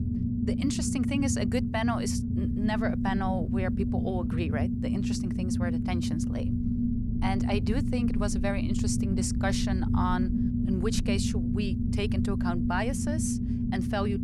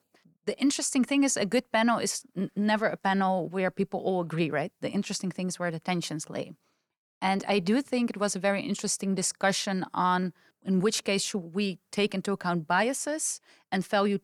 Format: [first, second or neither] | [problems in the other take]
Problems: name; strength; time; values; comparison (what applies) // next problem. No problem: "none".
second | low rumble; loud; throughout; 2 dB below the speech